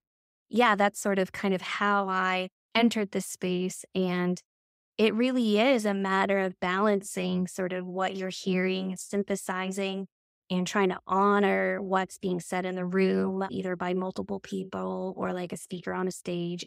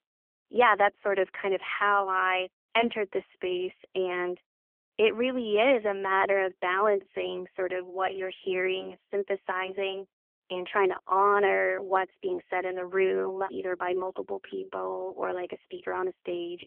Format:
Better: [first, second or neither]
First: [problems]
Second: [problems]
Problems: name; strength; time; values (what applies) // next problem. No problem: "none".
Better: first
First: none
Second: phone-call audio; nothing above 3 kHz